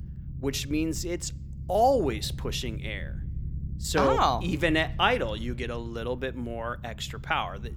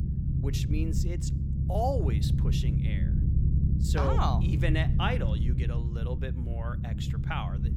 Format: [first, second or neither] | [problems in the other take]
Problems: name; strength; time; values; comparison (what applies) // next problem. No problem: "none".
first | low rumble; loud; throughout; 6 dB below the speech; faint in the first